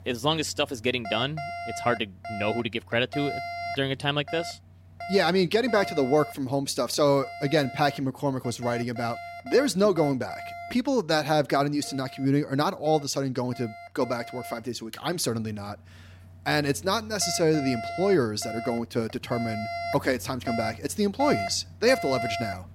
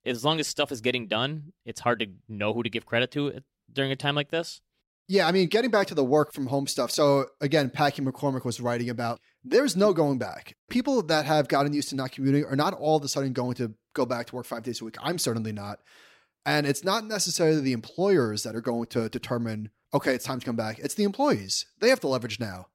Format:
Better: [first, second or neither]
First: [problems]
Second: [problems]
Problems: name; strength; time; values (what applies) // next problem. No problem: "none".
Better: second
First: alarms or sirens; noticeable; throughout; 10 dB below the speech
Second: none